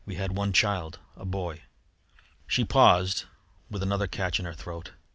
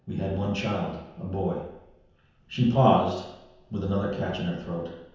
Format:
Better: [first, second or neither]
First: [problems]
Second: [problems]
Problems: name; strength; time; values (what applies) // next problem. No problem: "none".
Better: first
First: none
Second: room echo; dies away in 0.9 s